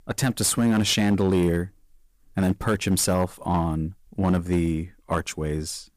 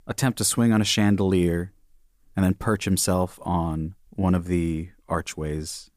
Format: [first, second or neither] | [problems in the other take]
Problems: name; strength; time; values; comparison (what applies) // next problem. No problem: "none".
second | distortion; slight; 8% of the sound clipped